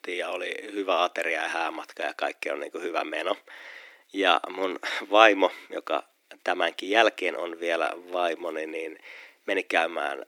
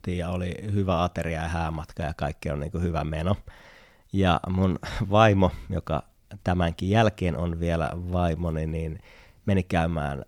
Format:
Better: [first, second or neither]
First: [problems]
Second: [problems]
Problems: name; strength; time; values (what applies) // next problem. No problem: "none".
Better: second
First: thin; very; fading below 300 Hz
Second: none